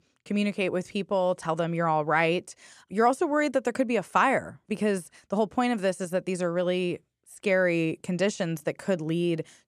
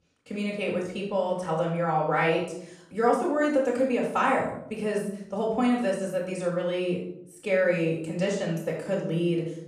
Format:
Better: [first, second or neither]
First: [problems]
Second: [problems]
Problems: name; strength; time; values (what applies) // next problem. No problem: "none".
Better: first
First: none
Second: off-mic speech; far // room echo; noticeable; dies away in 0.6 s